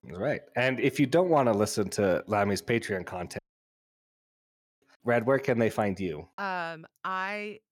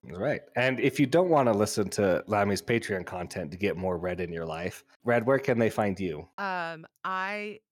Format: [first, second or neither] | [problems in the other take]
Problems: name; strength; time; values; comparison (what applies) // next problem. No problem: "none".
second | audio cutting out; at 3.5 s for 1.5 s